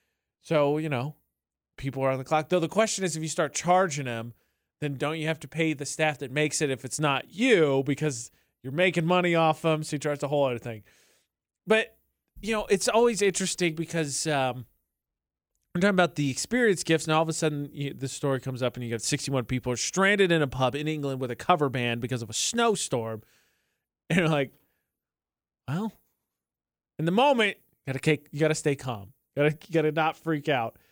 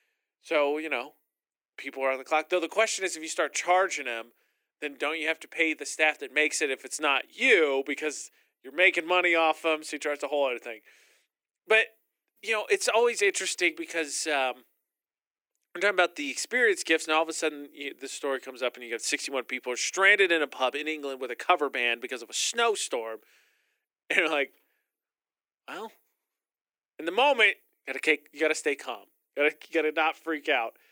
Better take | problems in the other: first | thin; somewhat; fading below 300 Hz

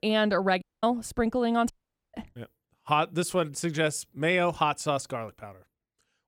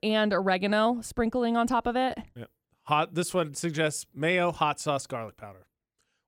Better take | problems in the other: second | audio cutting out; at 0.5 s and at 1.5 s

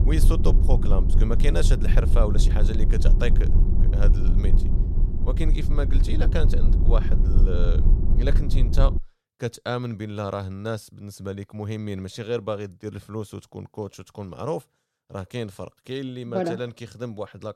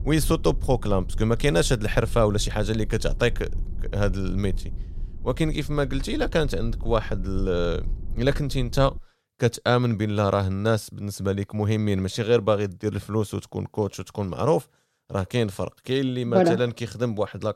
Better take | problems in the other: second | low rumble; loud; until 9 s; 6 dB below the speech; faint in the second

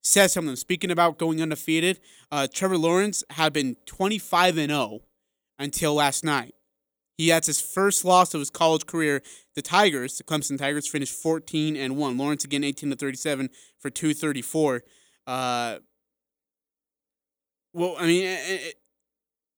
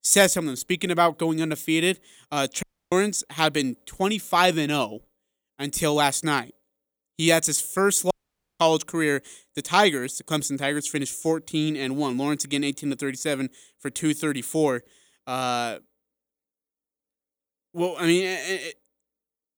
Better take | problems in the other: first | audio cutting out; at 2.5 s and at 8 s

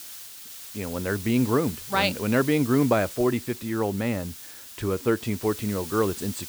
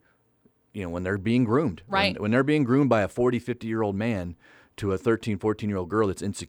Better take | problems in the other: second | hiss; noticeable; throughout; 10 dB below the speech

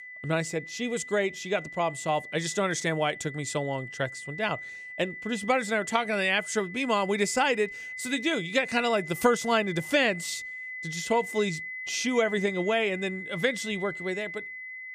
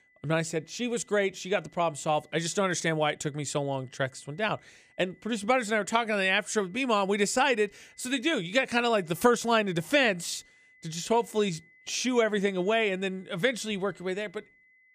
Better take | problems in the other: second | high-pitched whine; loud; throughout; 2 kHz, 10 dB below the speech; faint in the second

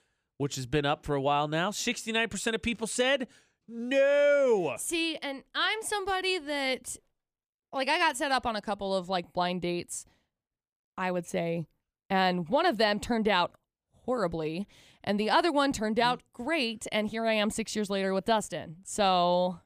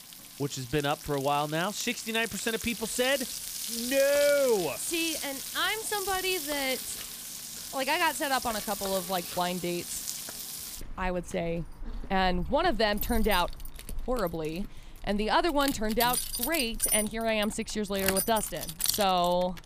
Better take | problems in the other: first | household noises; loud; throughout; 5 dB below the speech

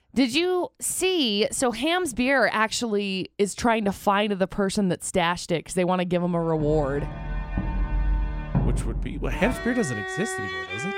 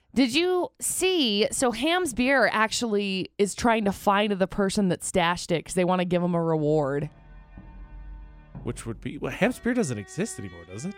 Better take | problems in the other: second | background music; loud; from 7 s on; 6 dB below the speech; faint in the second

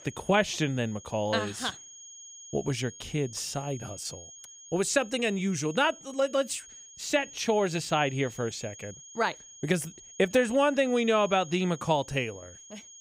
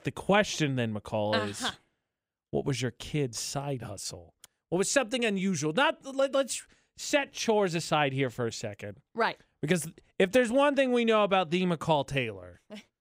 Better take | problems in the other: second | high-pitched whine; noticeable; throughout; 6.5 kHz, 15 dB below the speech

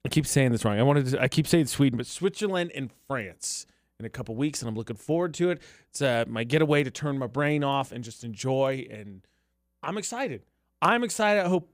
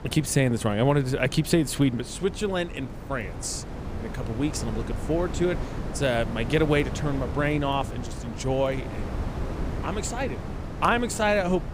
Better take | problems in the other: first | wind noise on the microphone; occasional gusts; 10 dB below the speech

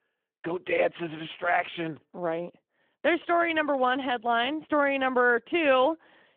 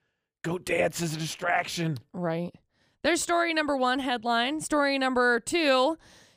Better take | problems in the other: second | phone-call audio

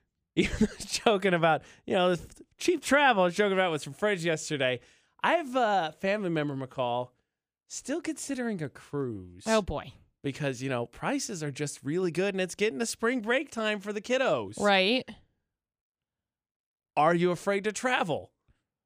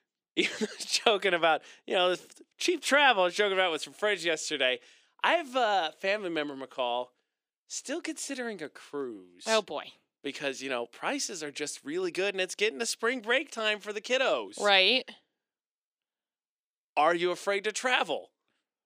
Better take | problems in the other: first | thin; somewhat; fading below 300 Hz

